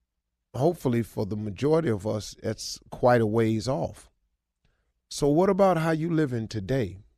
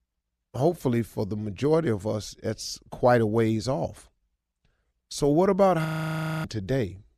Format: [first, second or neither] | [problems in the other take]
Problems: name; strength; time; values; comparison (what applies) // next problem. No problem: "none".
first | audio freezing; at 6 s for 0.5 s